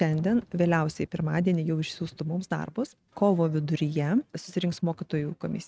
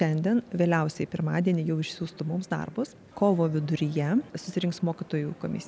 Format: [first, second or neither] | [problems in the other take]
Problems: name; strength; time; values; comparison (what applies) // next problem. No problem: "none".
second | noise reduction (neural mask model RNNoise)